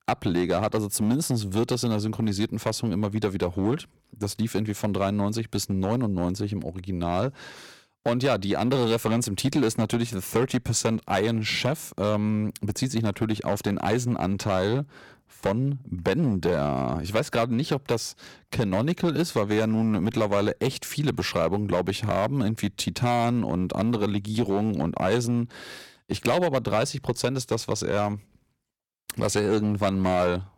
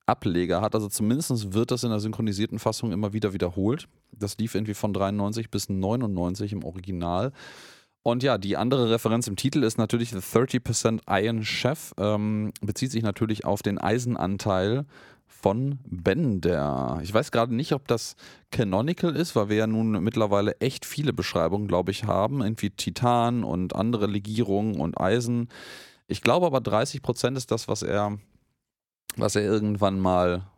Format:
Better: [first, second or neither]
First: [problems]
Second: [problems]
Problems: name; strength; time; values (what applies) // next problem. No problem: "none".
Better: second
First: distortion; slight; 5% of the sound clipped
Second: none